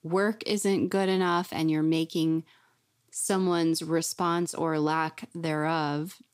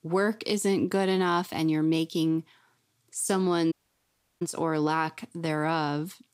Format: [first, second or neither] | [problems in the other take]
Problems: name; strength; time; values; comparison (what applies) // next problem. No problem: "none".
first | audio cutting out; at 3.5 s for 0.5 s